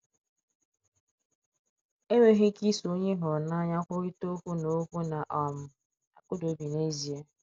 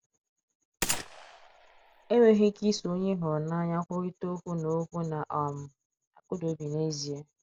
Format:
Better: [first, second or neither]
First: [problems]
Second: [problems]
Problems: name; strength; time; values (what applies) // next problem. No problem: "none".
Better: first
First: none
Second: background sound (Gunshot, gunfire); 9 dB below the speech